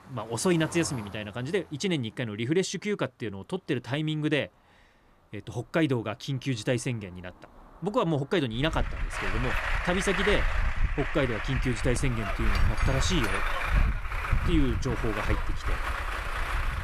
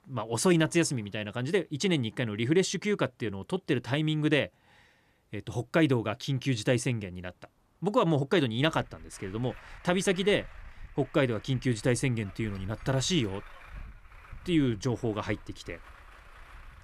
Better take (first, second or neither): second